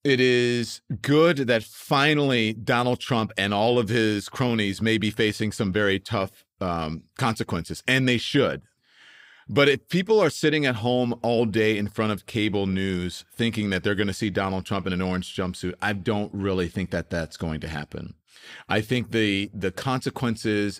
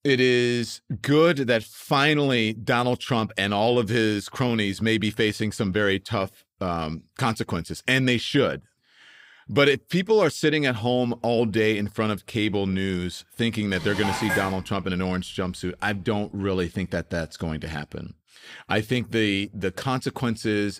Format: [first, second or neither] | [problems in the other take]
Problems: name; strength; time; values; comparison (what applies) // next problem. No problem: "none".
first | clattering dishes; noticeable; at 14 s; peak 2 dB below the speech